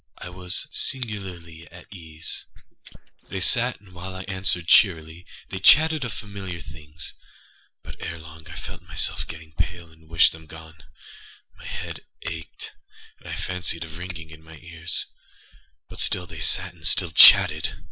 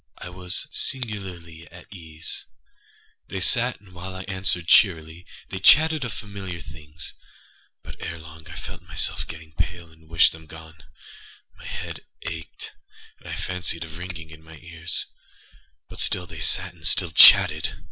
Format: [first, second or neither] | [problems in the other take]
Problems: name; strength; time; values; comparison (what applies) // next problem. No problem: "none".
second | noise reduction (neural mask model Resemble Enhance denoiser)